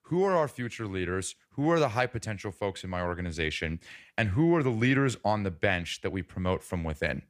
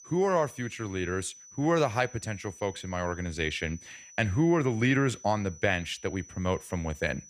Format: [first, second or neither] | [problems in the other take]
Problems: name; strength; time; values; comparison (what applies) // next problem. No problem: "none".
first | high-pitched whine; noticeable; throughout; 6 kHz, 20 dB below the speech